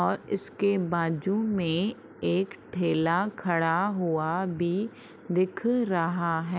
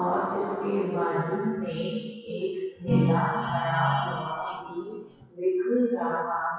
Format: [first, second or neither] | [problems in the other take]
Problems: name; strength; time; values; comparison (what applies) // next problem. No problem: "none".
first | noise reduction (classical method WPE with log-MMSE)